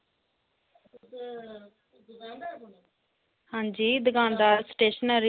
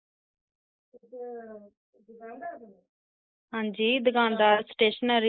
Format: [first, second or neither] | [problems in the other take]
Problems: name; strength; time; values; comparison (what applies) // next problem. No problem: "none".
first | noise reduction (neural mask model Resemble Enhance denoiser)